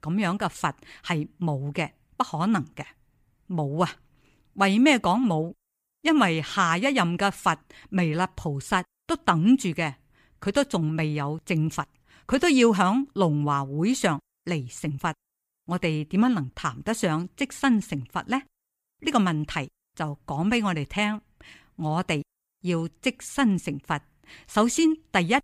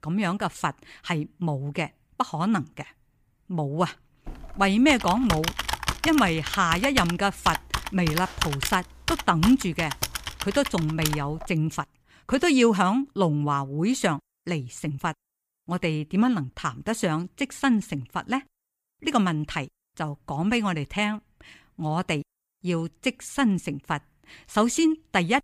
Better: first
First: none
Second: keyboard typing; noticeable; from 4.5 to 11 s; peak 1 dB below the speech

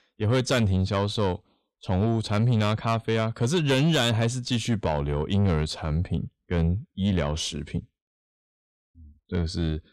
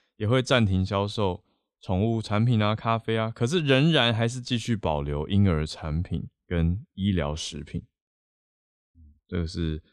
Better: second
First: distortion; slight; 10 dB below the speech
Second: none

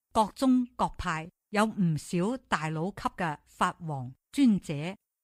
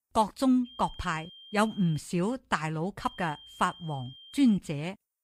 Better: first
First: none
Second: high-pitched whine; noticeable; from 0.5 to 2 s and from 3 to 4.5 s; 3 kHz, 20 dB below the speech

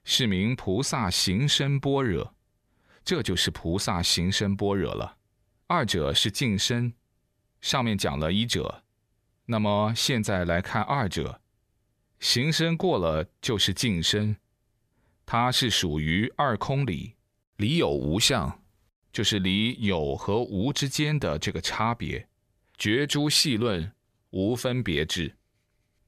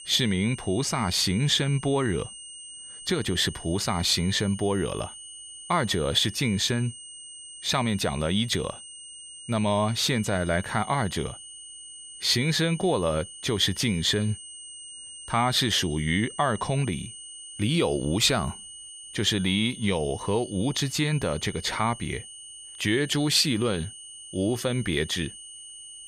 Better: first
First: none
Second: high-pitched whine; noticeable; throughout; 9 kHz, 15 dB below the speech

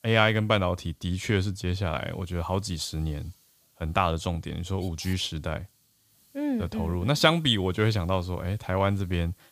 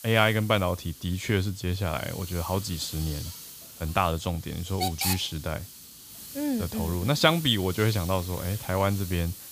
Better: first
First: hiss; faint; throughout; 30 dB below the speech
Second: hiss; loud; throughout; 10 dB below the speech

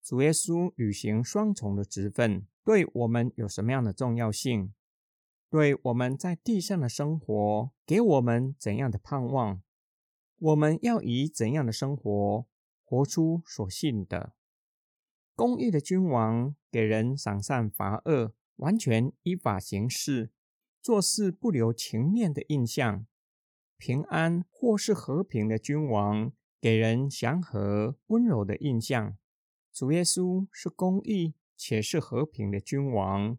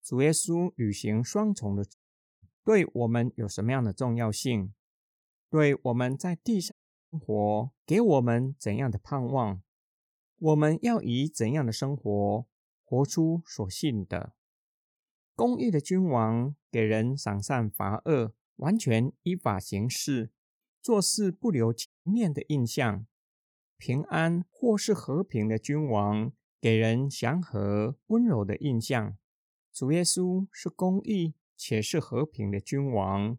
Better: first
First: none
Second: audio cutting out; at 2 s, at 6.5 s and at 22 s

